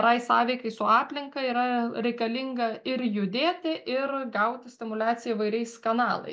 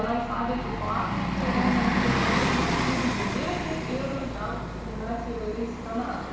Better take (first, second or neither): first